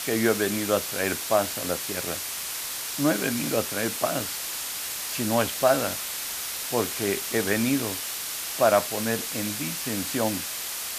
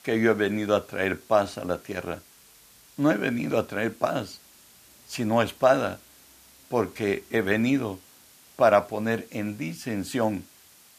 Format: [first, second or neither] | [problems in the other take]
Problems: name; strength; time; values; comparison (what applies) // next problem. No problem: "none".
second | hiss; loud; throughout; 2 dB below the speech; faint in the second